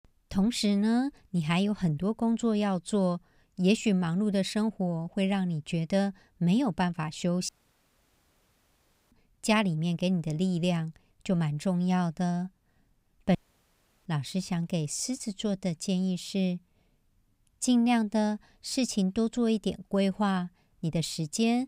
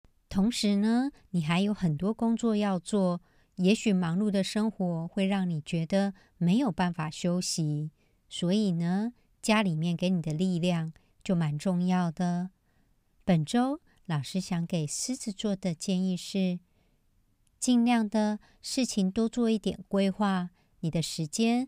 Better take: second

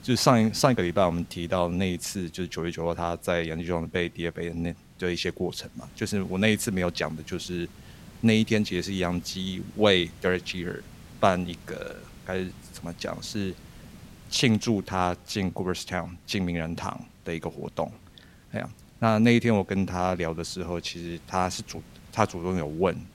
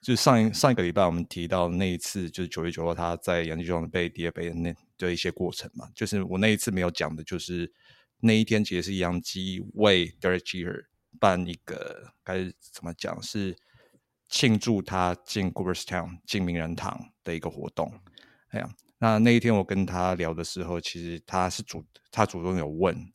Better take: second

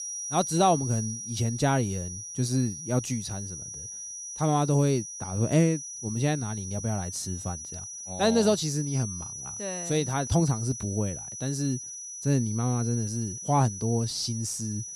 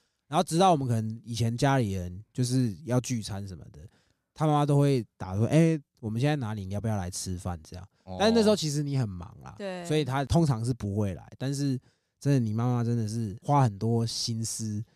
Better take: second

